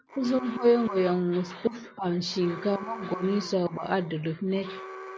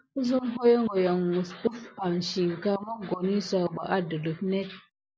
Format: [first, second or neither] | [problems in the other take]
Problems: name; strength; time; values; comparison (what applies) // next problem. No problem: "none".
second | background sound (Alarm); 15 dB below the speech